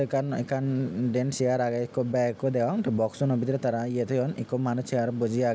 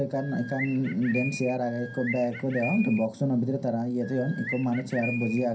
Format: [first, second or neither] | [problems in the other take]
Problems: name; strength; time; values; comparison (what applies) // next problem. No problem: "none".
first | background sound (Bird); 11 dB below the speech // room echo; dies away in 0.3 s